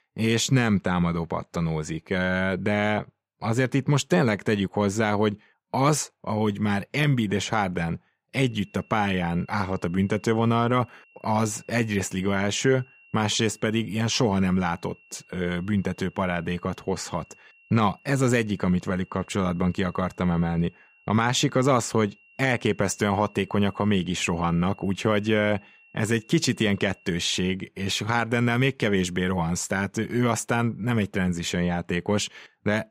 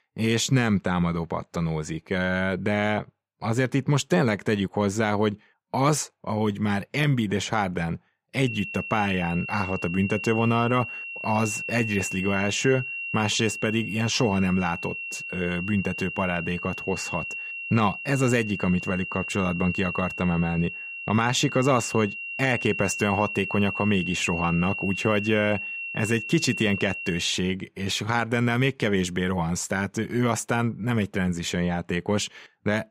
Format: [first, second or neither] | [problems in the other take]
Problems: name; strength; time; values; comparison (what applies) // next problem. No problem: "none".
first | high-pitched whine; loud; from 8.5 to 27 s; 2.5 kHz, 6 dB below the speech; faint in the first